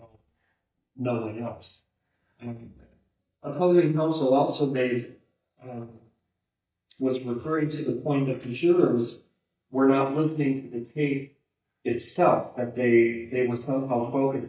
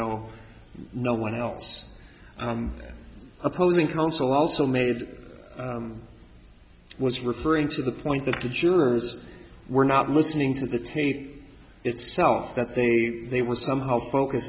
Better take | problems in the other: second | noise reduction (neural mask model DeepFilterNet 3)

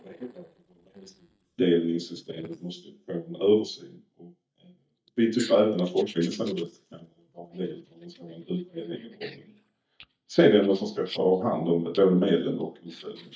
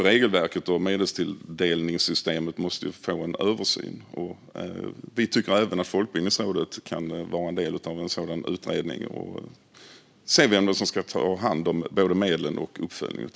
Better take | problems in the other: second | noise reduction (neural mask model DeepFilterNet 3)

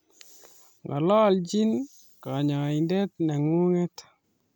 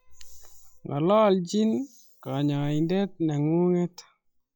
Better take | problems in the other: first | noise reduction (classical method log-MMSE)

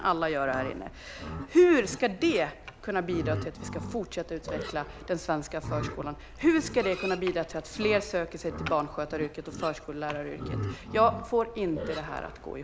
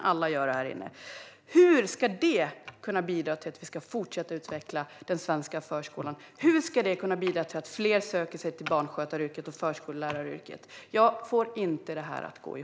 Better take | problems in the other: second | background sound (Livestock, farm animals, working animals); 10 dB below the speech

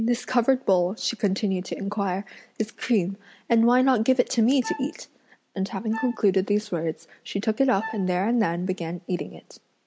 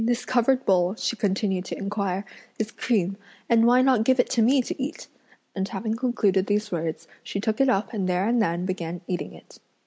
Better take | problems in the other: second | background sound (Wind instrument, woodwind instrument); 14 dB below the speech

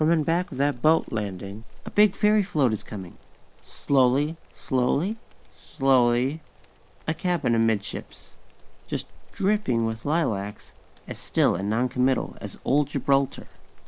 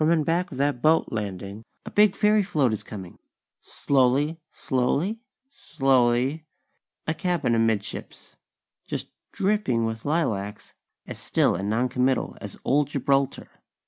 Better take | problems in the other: second | background sound (Insect); 15 dB below the speech

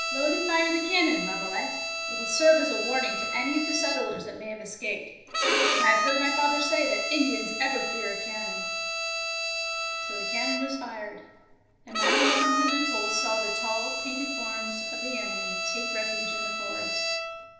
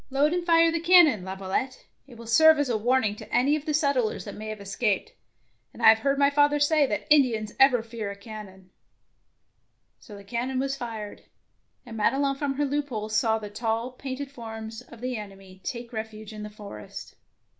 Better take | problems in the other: second | background sound (Bowed string instrument); 1 dB above the speech // room echo; dies away in 0.9 s

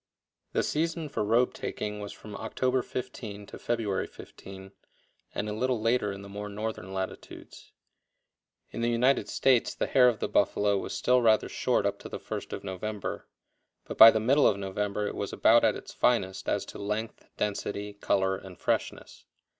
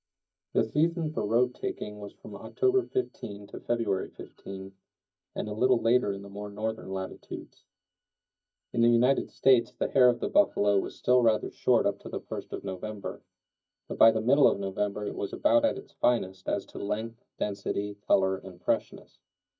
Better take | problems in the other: first | noise reduction (neural mask model DeepFilterNet 3)

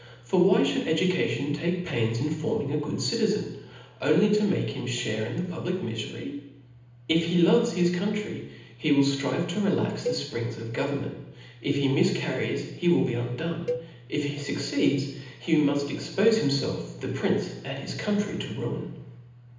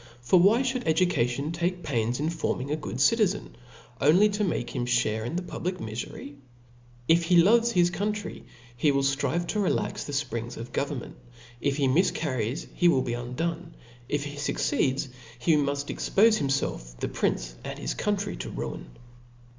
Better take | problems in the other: second | background sound (Cowbell); 12 dB below the speech // room echo; dies away in 0.9 s

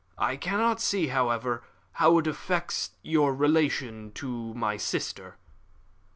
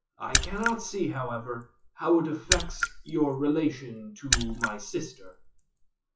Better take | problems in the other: first | noise reduction (classical method WPE with log-MMSE)

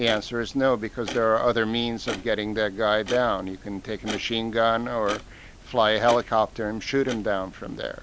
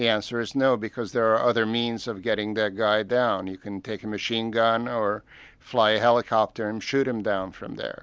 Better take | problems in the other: second | background sound (Clock); 15 dB below the speech

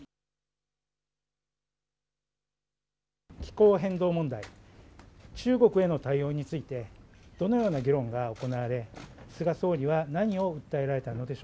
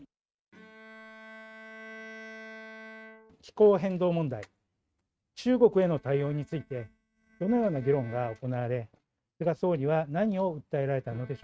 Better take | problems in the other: first | noise reduction (neural mask model RNNoise)

